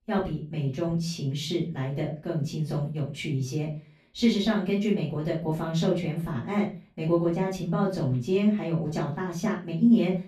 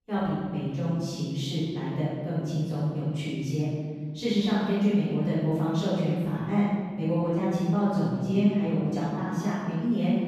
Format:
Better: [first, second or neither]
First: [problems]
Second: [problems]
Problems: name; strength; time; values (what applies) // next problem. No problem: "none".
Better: first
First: room echo; slight; dies away in 0.3 s // off-mic speech; far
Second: room echo; strong; dies away in 1.7 s // off-mic speech; far